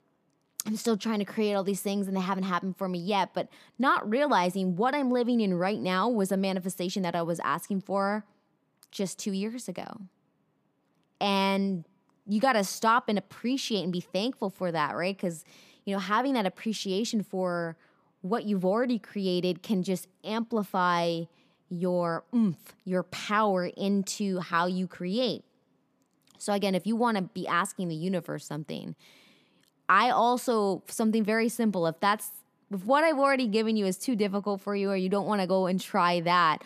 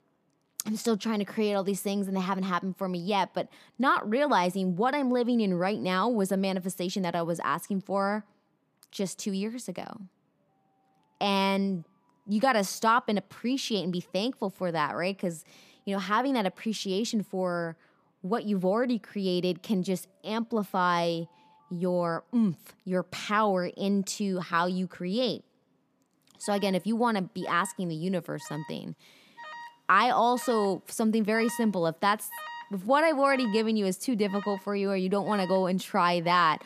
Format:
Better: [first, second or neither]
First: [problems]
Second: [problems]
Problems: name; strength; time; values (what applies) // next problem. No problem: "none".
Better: first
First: none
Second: alarms or sirens; noticeable; throughout; 15 dB below the speech